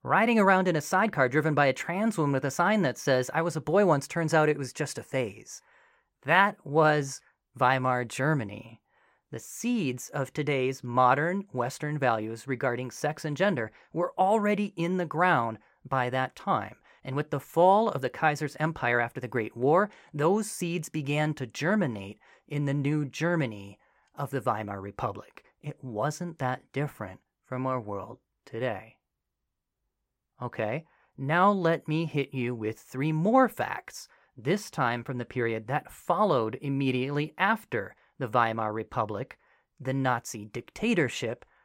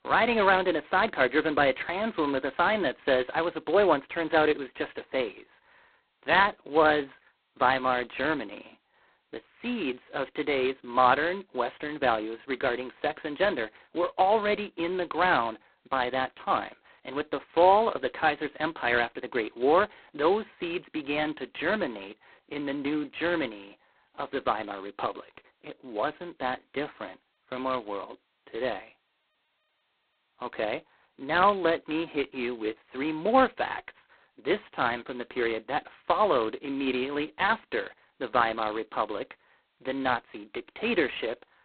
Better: first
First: none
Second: phone-call audio; poor line; nothing above 4 kHz

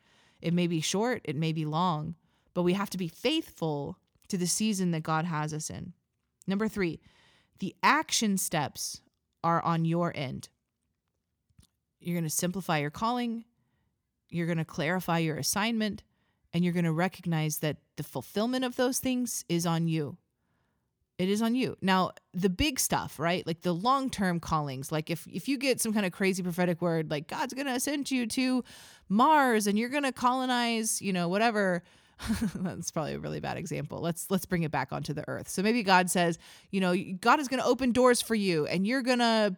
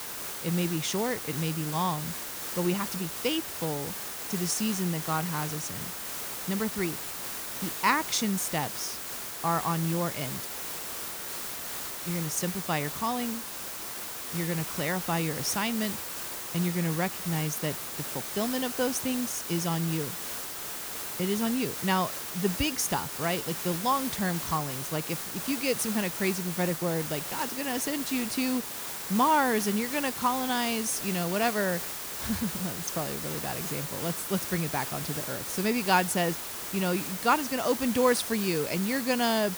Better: first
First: none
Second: hiss; loud; throughout; 4 dB below the speech

